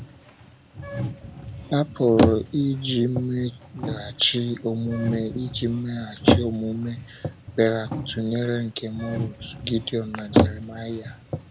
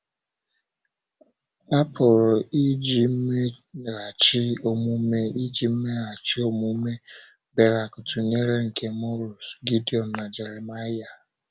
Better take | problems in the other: second | background sound (Bicycle); 2 dB below the speech

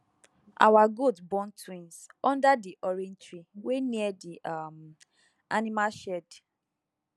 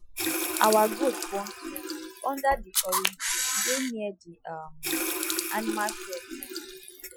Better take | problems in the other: first | noise reduction (classical method Wiener filter)

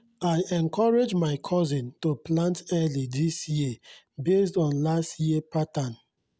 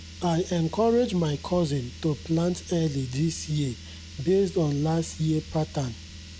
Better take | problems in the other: first | background sound (Car); 15 dB below the speech

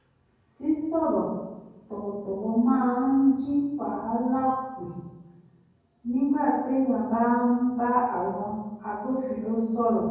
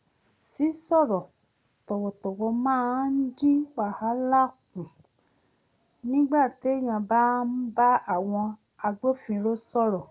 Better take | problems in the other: second | room echo; dies away in 1.3 s

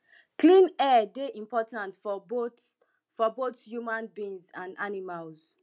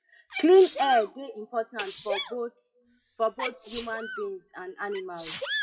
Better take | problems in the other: first | noise reduction (classical method WPE with log-MMSE)

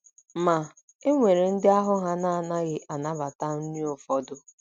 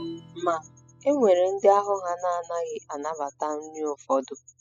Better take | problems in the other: first | noise reduction (classical method spectral subtraction)

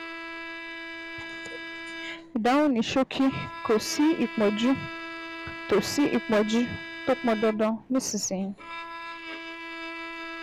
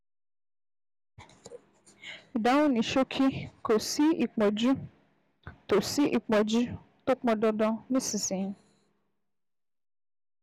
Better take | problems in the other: second | background sound (Bowed string instrument); 11 dB below the speech

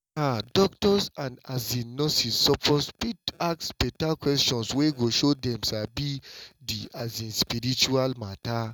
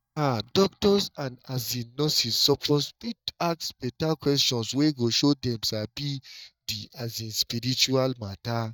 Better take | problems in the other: first | noise reduction (neural mask model DeepFilterNet 3)

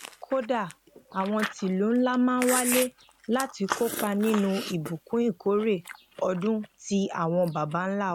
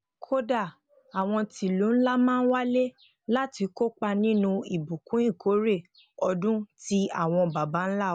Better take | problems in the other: second | background sound (Chewing, mastication); 10 dB below the speech

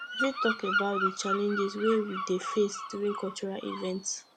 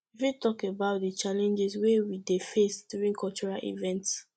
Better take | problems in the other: second | background sound (Bird vocalization, bird call, bird song); 4 dB below the speech

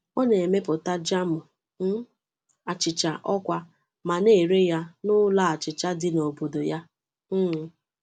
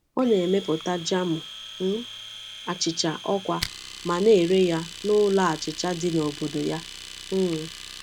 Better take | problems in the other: first | background sound (Domestic sounds, home sounds); 14 dB below the speech

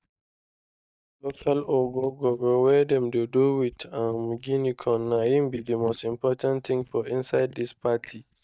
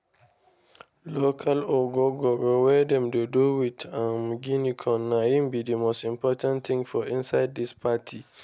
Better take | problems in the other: second | noise reduction (neural mask model DeepFilterNet 3)

